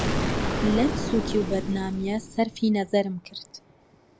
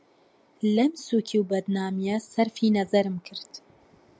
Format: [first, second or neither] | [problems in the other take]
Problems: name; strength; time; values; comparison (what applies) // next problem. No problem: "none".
second | background sound (Explosion); 3 dB below the speech